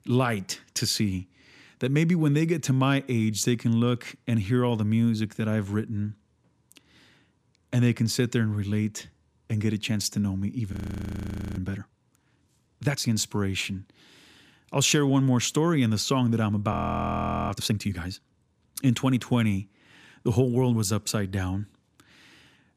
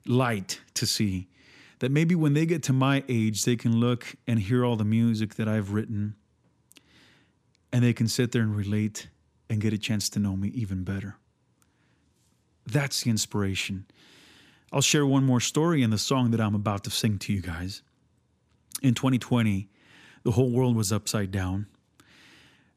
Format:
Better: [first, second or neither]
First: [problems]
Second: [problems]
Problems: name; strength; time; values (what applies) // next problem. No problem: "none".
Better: second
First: audio freezing; at 11 s for 1 s and at 17 s for 1 s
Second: none